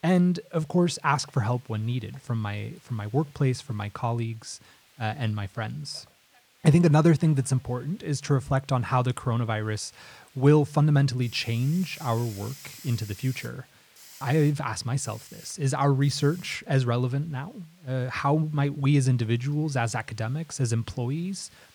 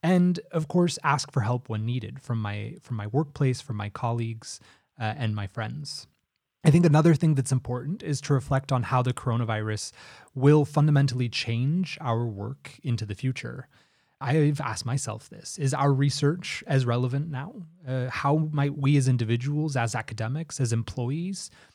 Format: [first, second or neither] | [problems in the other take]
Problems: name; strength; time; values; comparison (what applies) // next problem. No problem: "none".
second | hiss; faint; throughout; 25 dB below the speech